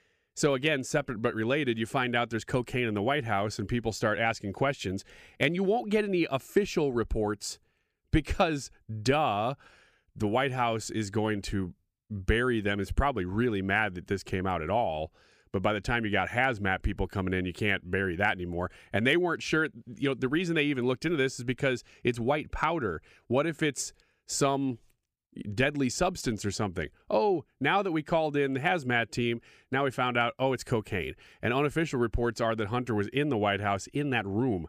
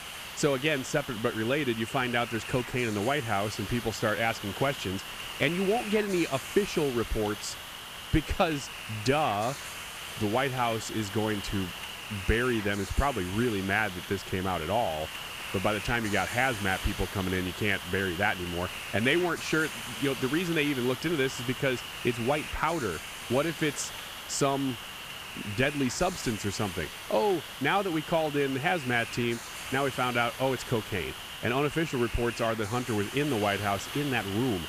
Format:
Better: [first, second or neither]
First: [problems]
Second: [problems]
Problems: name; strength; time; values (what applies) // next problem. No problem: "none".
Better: first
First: none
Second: hiss; loud; throughout; 8 dB below the speech